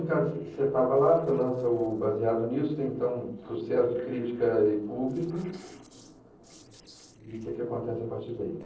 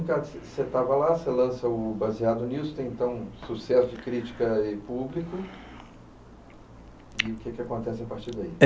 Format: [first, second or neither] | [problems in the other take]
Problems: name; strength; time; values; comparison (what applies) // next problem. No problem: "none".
second | noise reduction (neural separator model SepFormer DNS4)